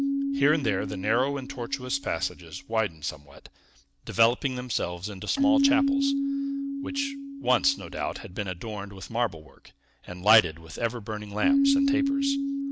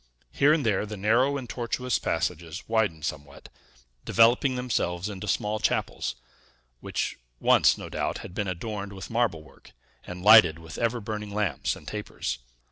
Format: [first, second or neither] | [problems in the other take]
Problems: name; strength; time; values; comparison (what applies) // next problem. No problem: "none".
second | background sound (Keyboard (musical)); as loud as the speech